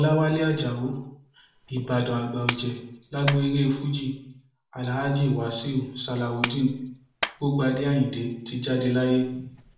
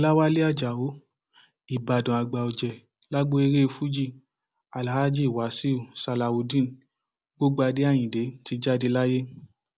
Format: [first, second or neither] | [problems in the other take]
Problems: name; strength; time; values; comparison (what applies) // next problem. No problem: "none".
second | background sound (Clapping); 14 dB below the speech // room echo; dies away in 0.6 s